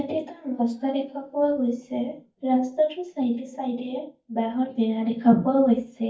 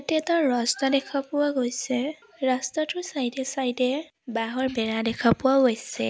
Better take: second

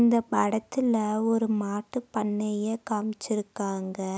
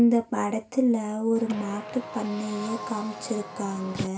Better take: first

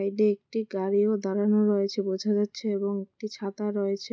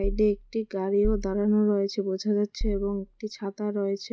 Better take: first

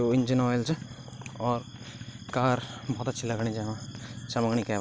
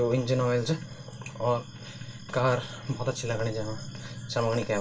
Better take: first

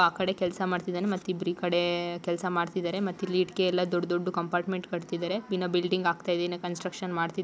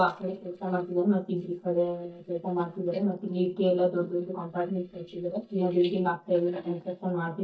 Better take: first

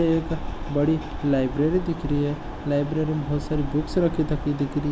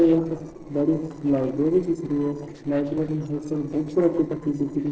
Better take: first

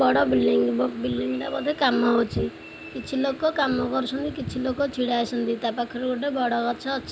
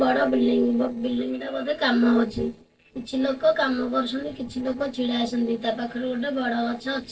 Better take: first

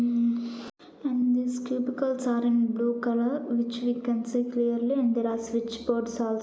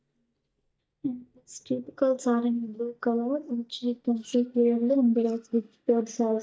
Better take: first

